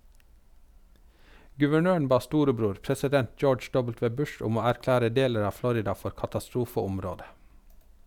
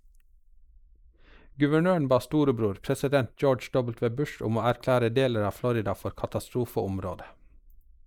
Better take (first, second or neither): first